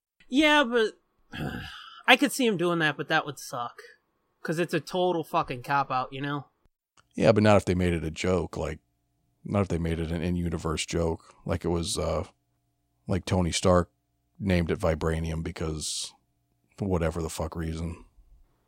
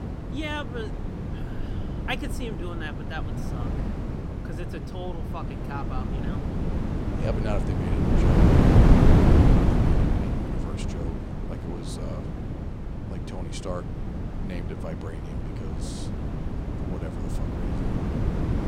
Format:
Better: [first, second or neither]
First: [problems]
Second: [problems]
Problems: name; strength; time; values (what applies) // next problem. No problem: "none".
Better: first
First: none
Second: wind noise on the microphone; heavy; 4 dB above the speech